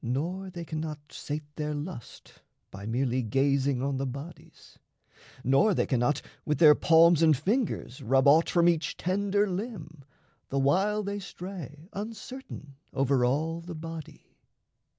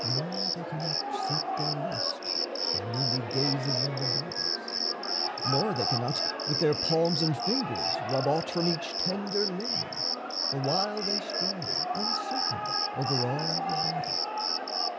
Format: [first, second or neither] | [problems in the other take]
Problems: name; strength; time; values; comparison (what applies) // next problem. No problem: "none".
first | background sound (Cricket); 2 dB above the speech